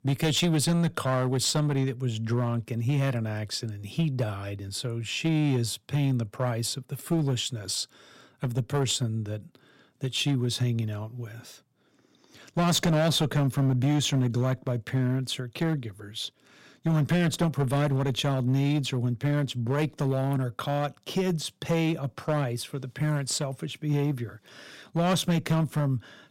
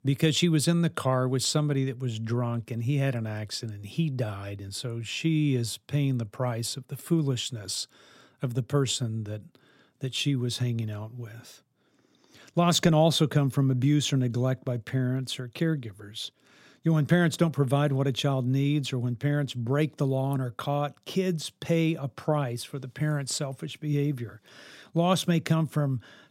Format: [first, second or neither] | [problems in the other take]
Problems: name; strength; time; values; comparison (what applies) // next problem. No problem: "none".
second | distortion; slight; 7% of the sound clipped